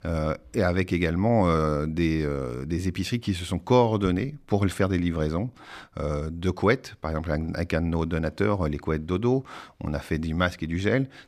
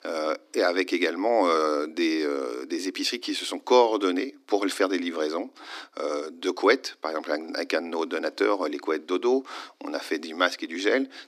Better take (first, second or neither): first